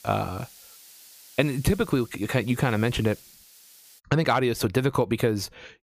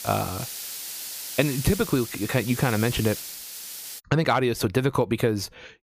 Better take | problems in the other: first | hiss; loud; until 4 s; 9 dB below the speech; faint in the first

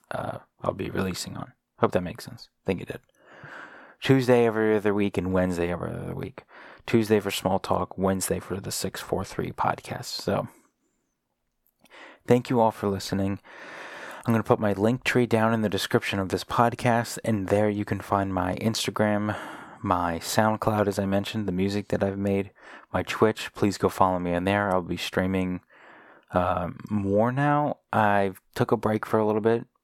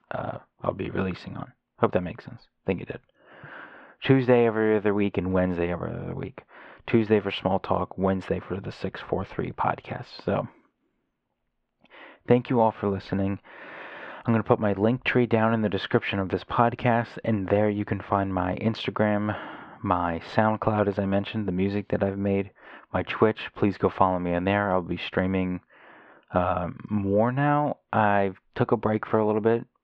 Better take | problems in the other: first | muffled; very; fading above 3 kHz

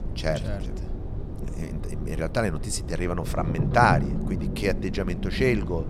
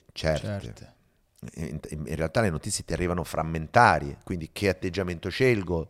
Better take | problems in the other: second | low rumble; noticeable; throughout; 15 dB below the speech

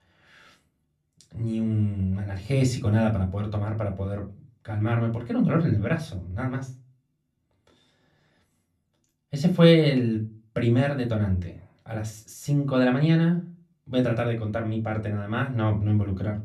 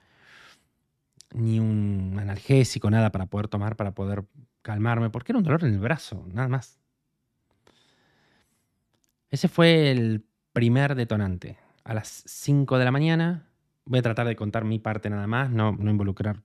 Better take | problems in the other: second | off-mic speech; somewhat distant // room echo; very slight; dies away in 0.2 s

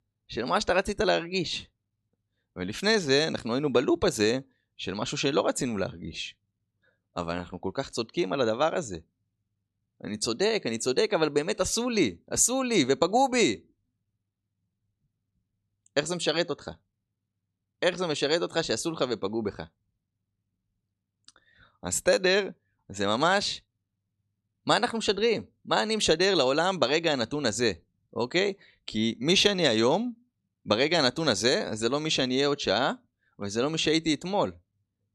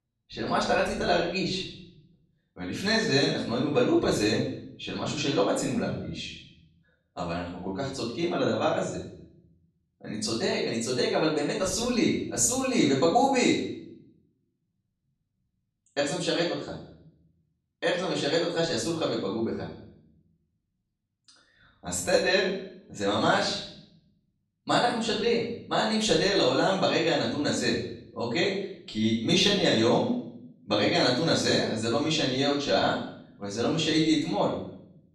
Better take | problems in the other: first | off-mic speech; far // room echo; noticeable; dies away in 0.6 s

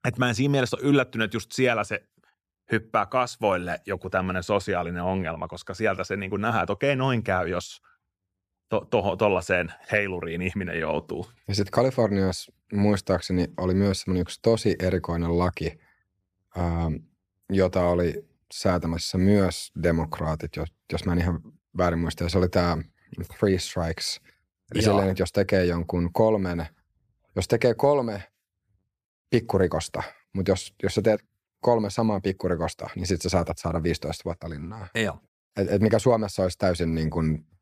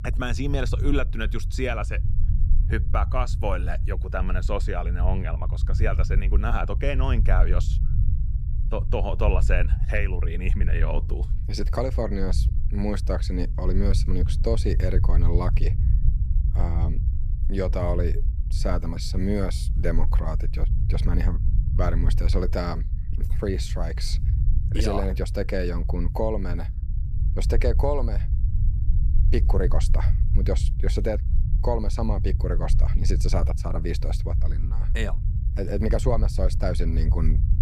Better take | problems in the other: first | low rumble; noticeable; throughout; 10 dB below the speech

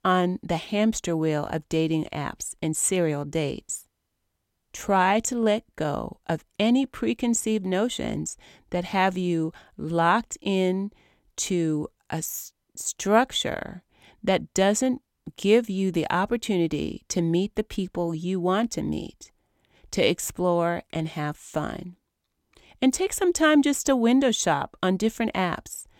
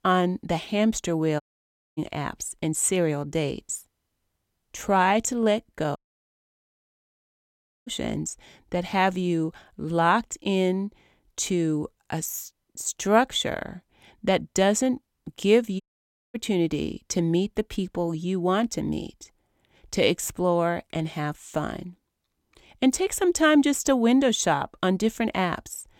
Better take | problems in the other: first | audio cutting out; at 1.5 s for 0.5 s, at 6 s for 2 s and at 16 s for 0.5 s

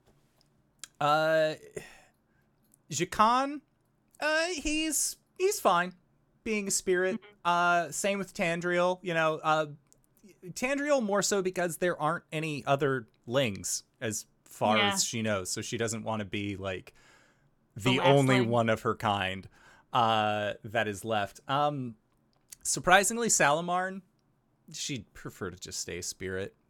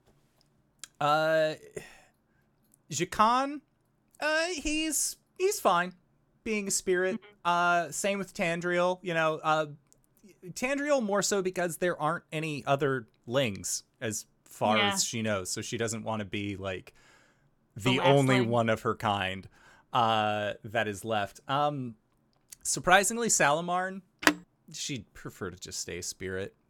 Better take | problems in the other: first | phone ringing; loud; at 24 s; peak 2 dB above the speech

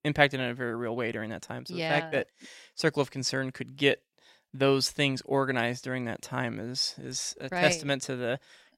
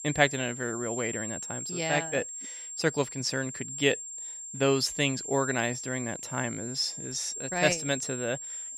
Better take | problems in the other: first | high-pitched whine; loud; throughout; 7.5 kHz, 6 dB below the speech

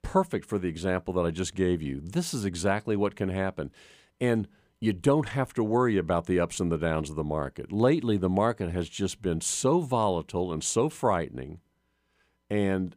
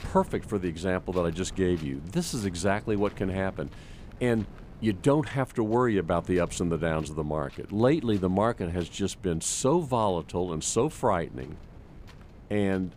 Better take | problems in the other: first | wind noise on the microphone; occasional gusts; 25 dB below the speech

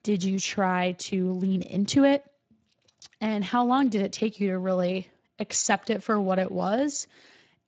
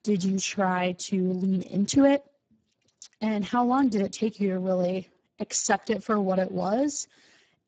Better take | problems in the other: first | garbled, watery; badly; nothing above 7.5 kHz; slightly in the first

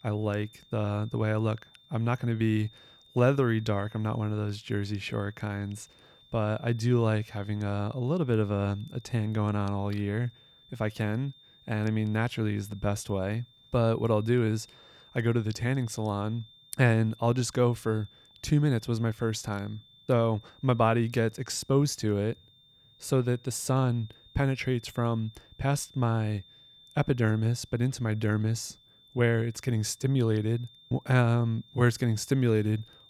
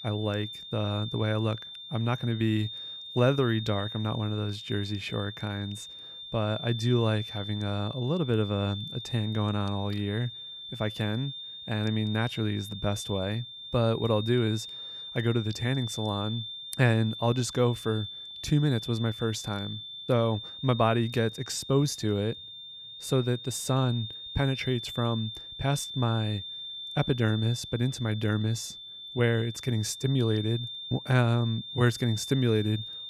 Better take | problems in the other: first | high-pitched whine; loud; throughout; 3.5 kHz, 9 dB below the speech; faint in the first

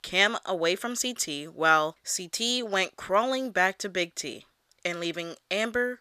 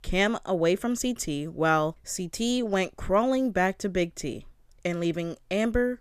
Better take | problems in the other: second | thin; somewhat; fading below 800 Hz

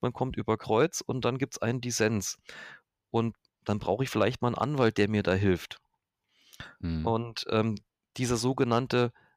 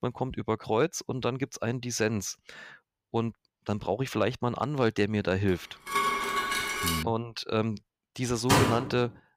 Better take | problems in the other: first | clattering dishes; loud; from 6 to 7 s; peak 3 dB above the speech // door banging; loud; at 8.5 s; peak 6 dB above the speech

